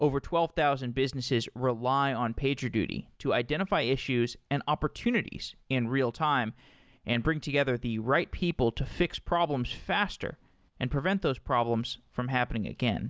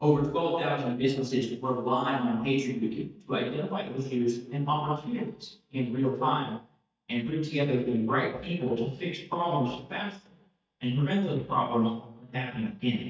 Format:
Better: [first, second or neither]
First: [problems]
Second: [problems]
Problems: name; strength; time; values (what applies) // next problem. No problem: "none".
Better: first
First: none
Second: noise reduction (neural mask model DeepFilterNet 3)